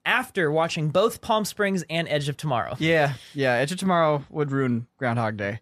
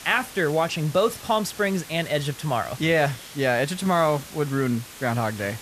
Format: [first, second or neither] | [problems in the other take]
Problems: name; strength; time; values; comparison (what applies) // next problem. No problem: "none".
first | hiss; noticeable; throughout; 15 dB below the speech